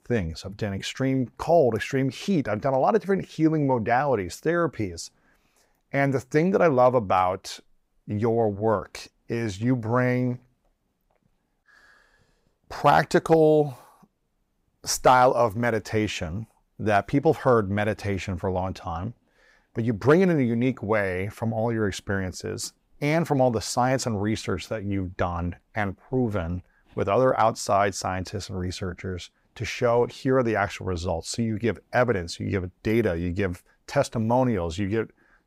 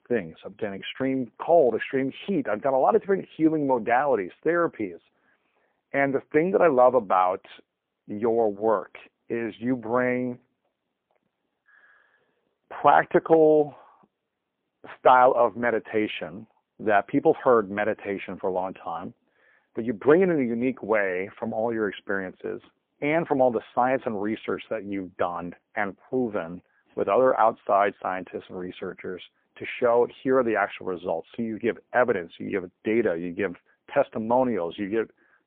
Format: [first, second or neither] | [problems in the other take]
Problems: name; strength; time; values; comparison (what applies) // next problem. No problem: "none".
first | phone-call audio; poor line; nothing above 3 kHz